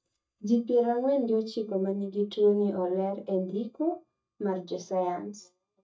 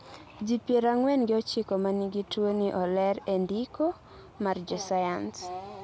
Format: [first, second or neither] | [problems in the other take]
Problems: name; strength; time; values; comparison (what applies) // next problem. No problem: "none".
second | noise reduction (neural mask model DeepFilterNet 3)